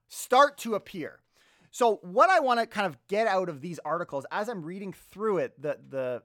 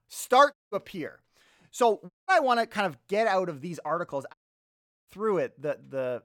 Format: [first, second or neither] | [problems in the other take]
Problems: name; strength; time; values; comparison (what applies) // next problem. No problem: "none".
first | audio cutting out; at 0.5 s, at 2 s and at 4.5 s for 0.5 s